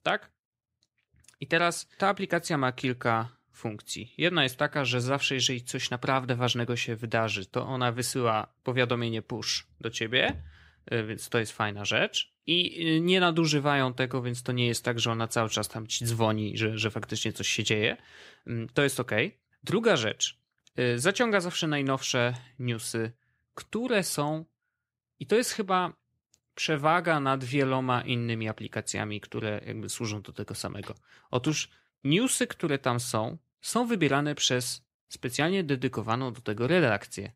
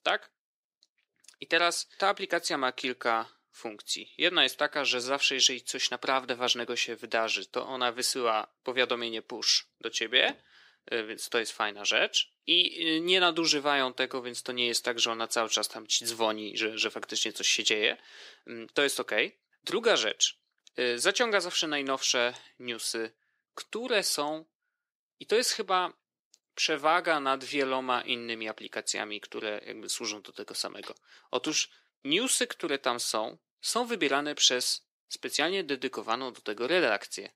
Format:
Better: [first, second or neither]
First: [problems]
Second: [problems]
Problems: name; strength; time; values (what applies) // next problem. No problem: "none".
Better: first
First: none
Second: thin; somewhat; fading below 300 Hz